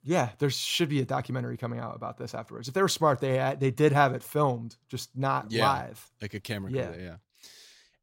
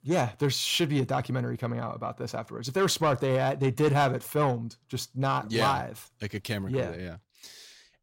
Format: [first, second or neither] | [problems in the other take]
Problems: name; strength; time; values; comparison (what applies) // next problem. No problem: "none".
first | distortion; slight; 10 dB below the speech